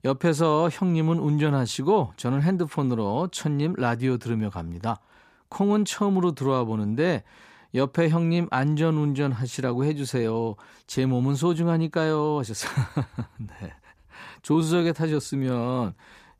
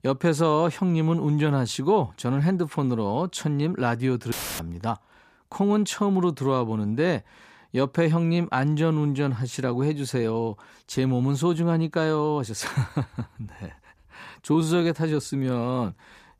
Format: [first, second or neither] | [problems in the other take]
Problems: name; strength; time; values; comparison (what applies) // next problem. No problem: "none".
first | audio cutting out; filled with static; at 4.5 s